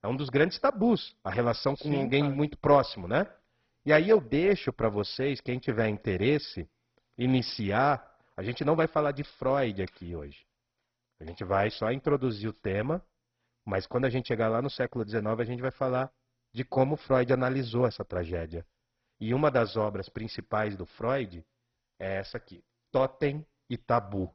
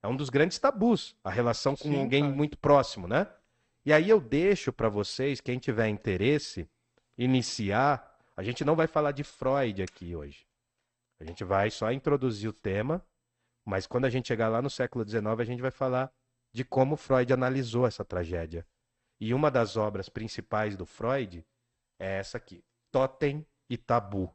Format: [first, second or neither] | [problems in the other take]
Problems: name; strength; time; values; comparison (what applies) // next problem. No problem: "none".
second | garbled, watery; badly; nothing above 5.5 kHz; slightly in the second